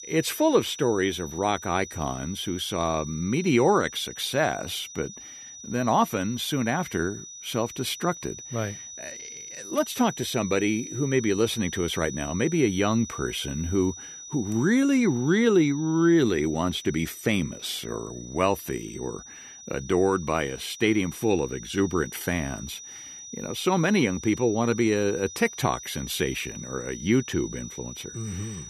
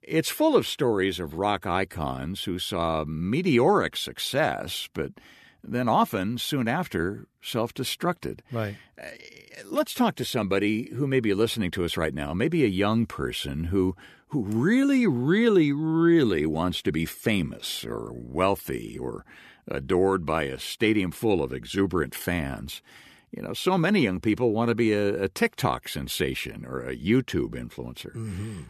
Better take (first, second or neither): second